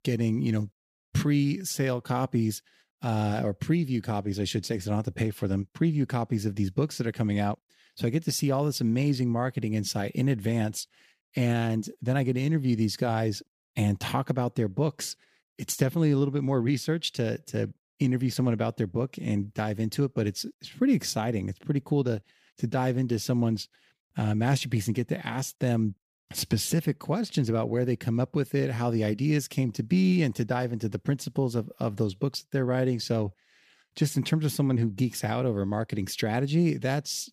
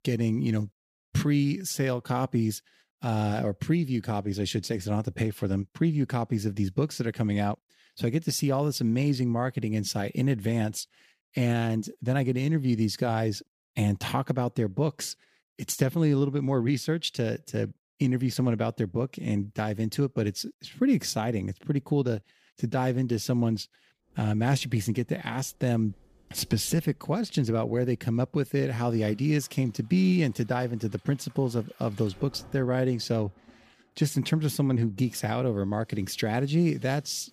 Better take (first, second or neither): first